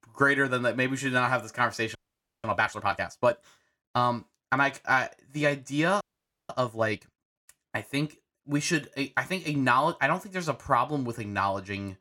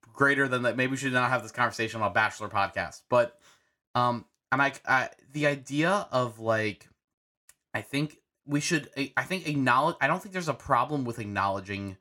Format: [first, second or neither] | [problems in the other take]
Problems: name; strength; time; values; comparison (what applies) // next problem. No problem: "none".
second | audio freezing; at 2 s and at 6 s